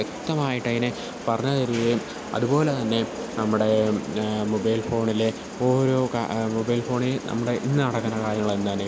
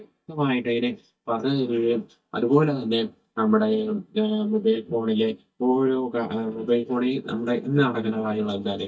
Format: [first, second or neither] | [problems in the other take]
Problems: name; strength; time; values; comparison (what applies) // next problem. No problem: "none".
first | noise reduction (neural mask model DeepFilterNet 3)